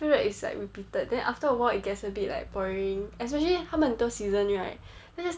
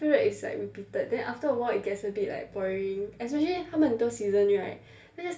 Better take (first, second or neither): first